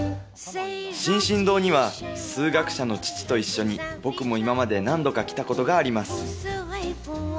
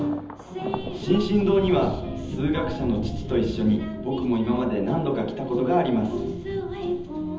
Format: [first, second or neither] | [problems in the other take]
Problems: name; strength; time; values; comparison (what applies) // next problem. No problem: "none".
first | background sound (Thunder); 10 dB below the speech // room echo; dies away in 0.8 s